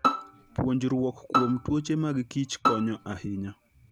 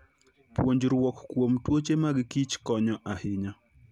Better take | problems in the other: second | background sound (Bowed string instrument); 3 dB below the speech

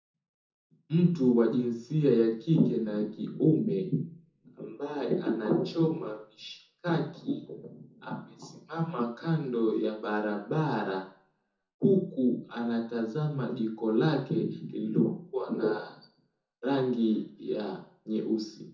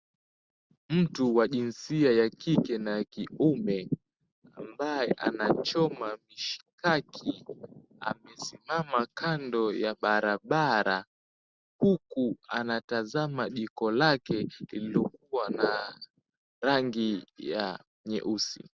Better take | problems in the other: second | room echo; dies away in 0.6 s

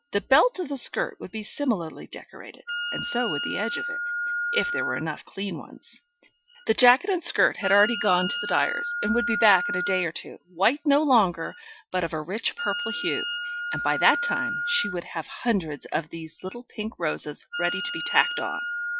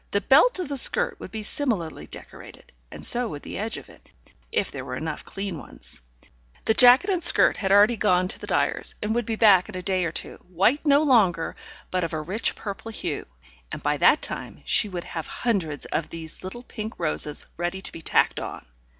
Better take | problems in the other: second | noise reduction (classical method Wiener filter)

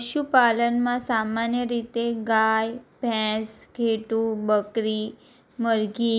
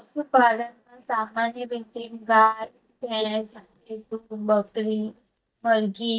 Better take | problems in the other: first | noise reduction (neural mask model DeepFilterNet 3)

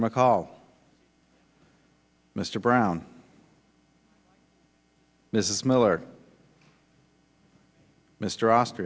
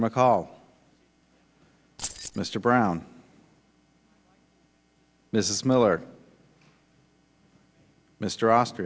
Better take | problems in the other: first | background sound (Keys jangling); 10 dB below the speech

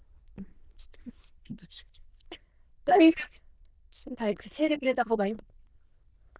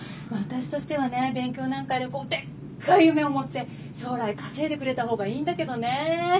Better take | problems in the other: second | noise reduction (neural diffusion model UNIVERSE++)

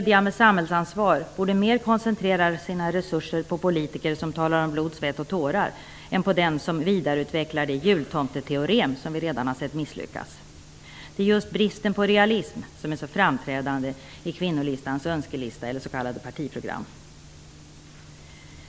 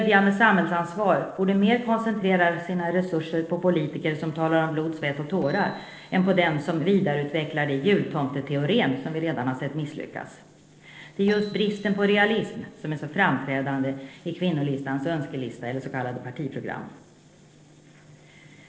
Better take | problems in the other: first | noise reduction (neural separator model SepFormer DNS4)

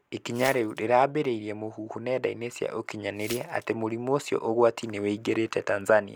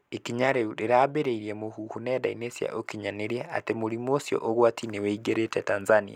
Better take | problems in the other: second | background sound (Glass); 18 dB below the speech

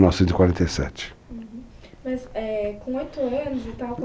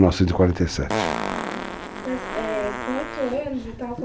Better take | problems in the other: first | background sound (Fart); 7 dB below the speech

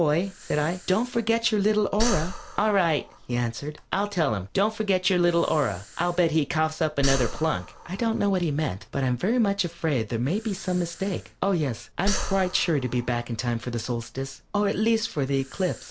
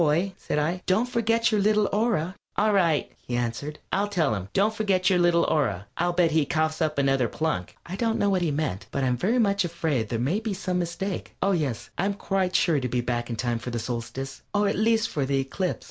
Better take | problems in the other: second | background sound (Breathing); 11 dB below the speech

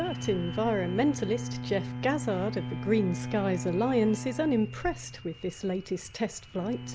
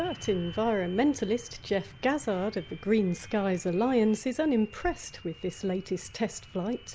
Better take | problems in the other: second | background sound (Bowed string instrument); 8 dB below the speech

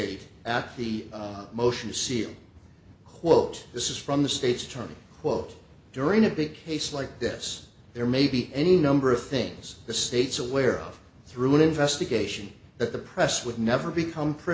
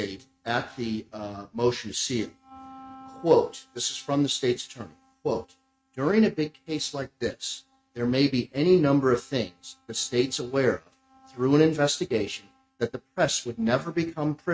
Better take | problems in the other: first | noise reduction (neural mask model RNNoise)

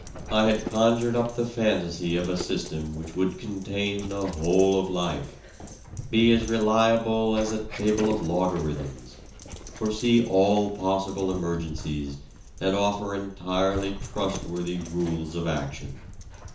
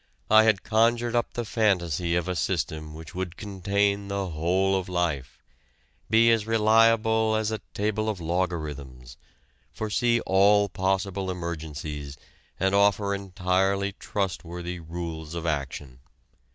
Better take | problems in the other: second | background sound (Dog); 13 dB below the speech // room echo; dies away in 0.9 s

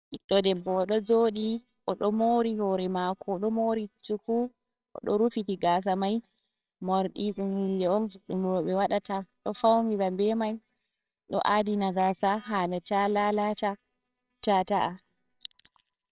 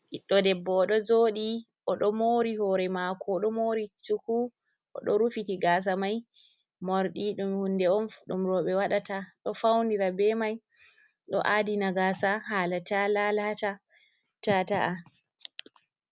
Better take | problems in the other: second | noise reduction (neural separator model SepFormer WHAMR!)

